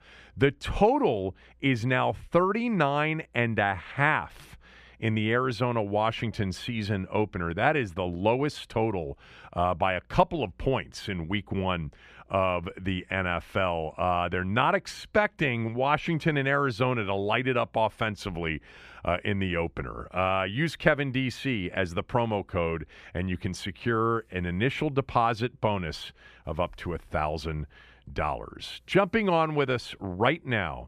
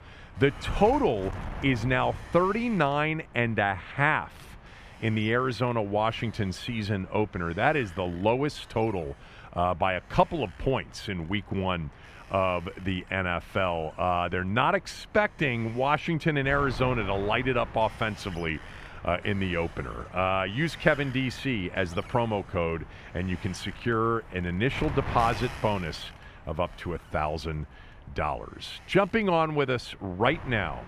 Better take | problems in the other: first | wind noise on the microphone; occasional gusts; 20 dB below the speech

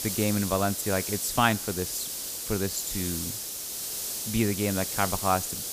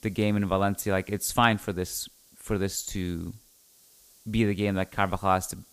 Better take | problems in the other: second | hiss; loud; throughout; 3 dB below the speech; faint in the second

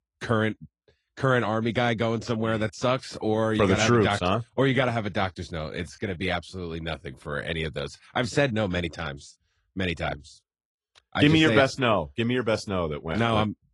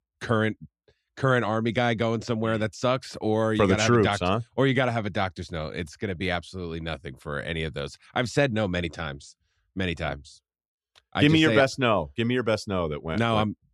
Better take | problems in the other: second | garbled, watery; slightly

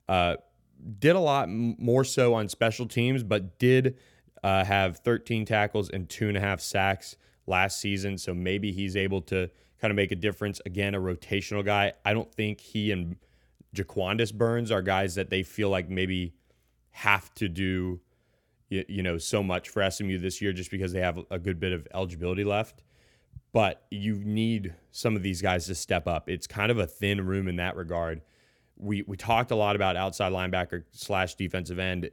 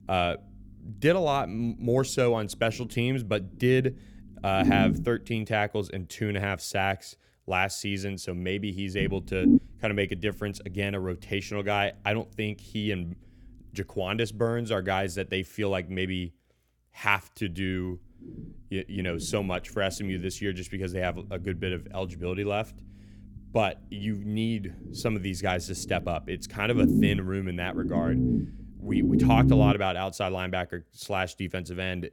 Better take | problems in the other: first | low rumble; loud; until 5.5 s, from 9 to 15 s and from 17 to 30 s; 1 dB below the speech

